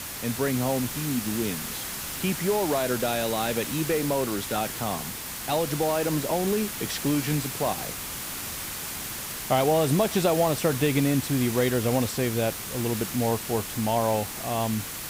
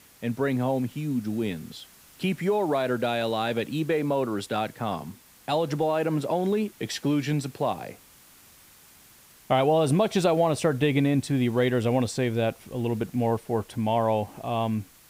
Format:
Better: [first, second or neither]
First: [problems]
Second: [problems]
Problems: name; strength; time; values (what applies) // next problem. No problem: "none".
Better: second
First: hiss; loud; throughout; 5 dB below the speech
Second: hiss; faint; throughout; 25 dB below the speech